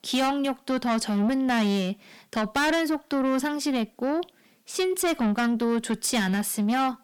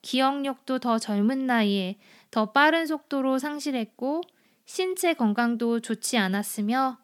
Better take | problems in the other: second | distortion; heavy; 8 dB below the speech

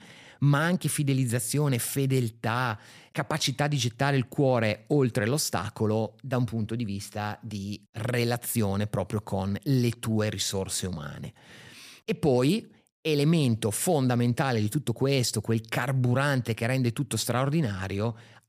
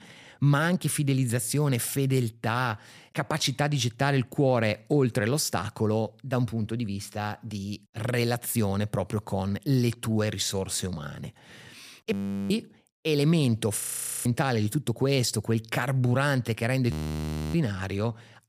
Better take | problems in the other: first | audio freezing; at 12 s, at 14 s and at 17 s for 0.5 s

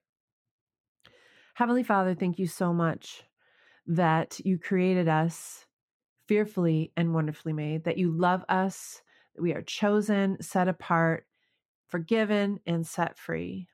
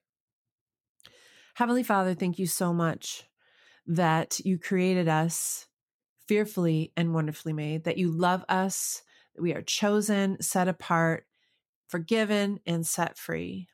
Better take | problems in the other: second | muffled; slightly; fading above 3.5 kHz

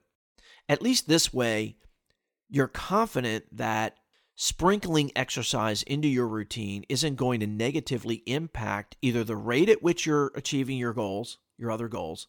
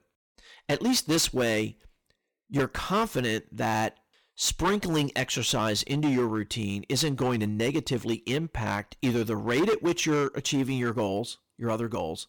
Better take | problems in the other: first | distortion; heavy; 8% of the sound clipped

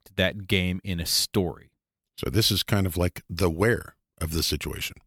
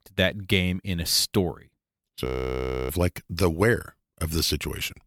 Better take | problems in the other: first | audio freezing; at 2.5 s for 0.5 s

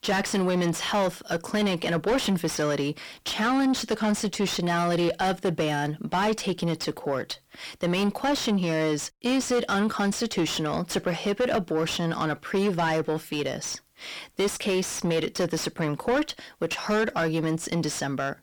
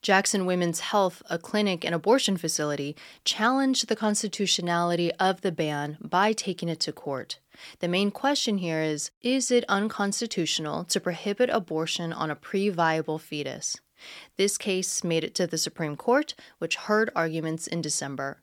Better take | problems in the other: second | distortion; heavy; 6 dB below the speech

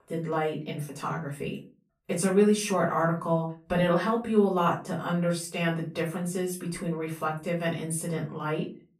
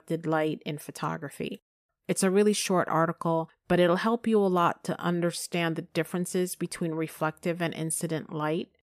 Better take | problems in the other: second | room echo; slight; dies away in 0.3 s // off-mic speech; far

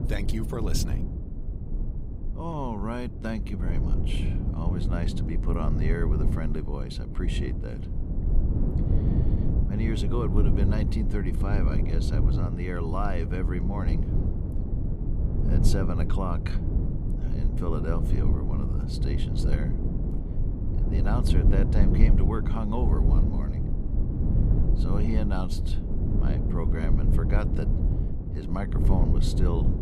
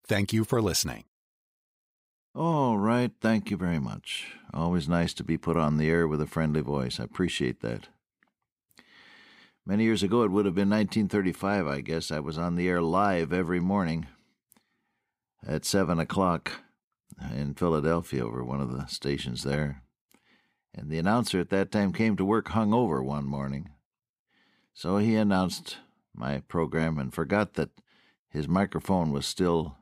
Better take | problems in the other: second | low rumble; loud; throughout; 3 dB below the speech

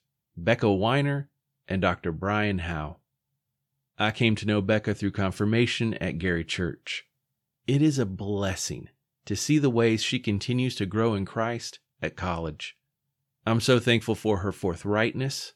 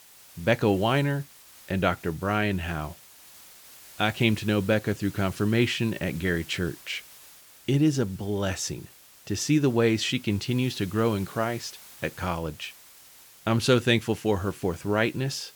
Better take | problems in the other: first | hiss; faint; throughout; 20 dB below the speech

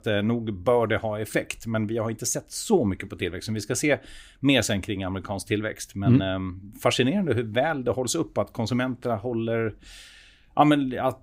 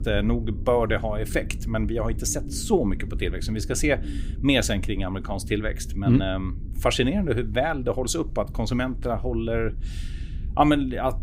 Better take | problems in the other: first | low rumble; faint; throughout; 20 dB below the speech

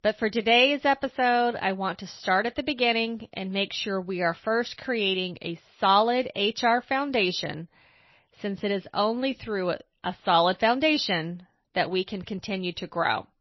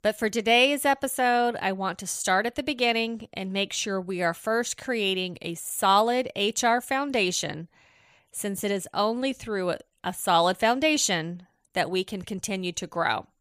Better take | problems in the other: second | garbled, watery; slightly; nothing above 6 kHz

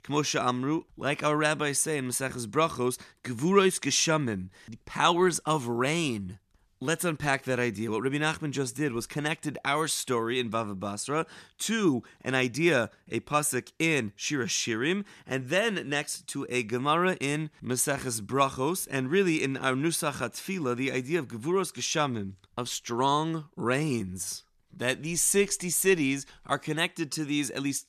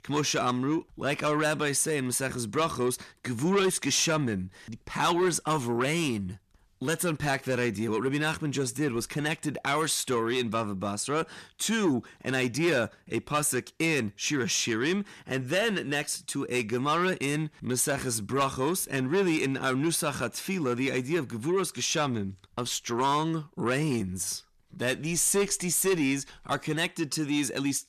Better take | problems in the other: first | distortion; slight; 10 dB below the speech

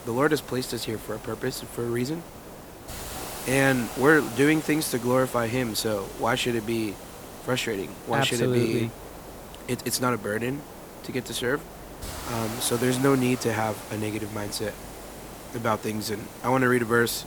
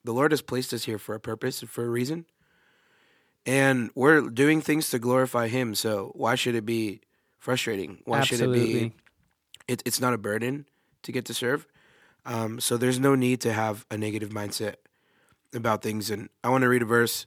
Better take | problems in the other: second | hiss; noticeable; throughout; 15 dB below the speech

